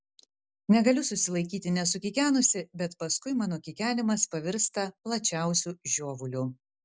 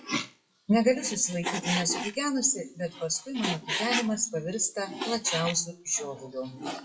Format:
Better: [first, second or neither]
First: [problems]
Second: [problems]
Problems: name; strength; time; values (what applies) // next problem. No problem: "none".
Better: first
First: none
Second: noise reduction (classical method WPE with log-MMSE)